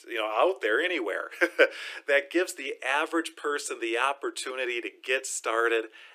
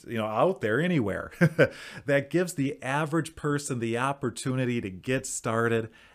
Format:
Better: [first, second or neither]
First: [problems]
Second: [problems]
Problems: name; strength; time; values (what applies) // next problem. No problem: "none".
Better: second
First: thin; very; fading below 350 Hz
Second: none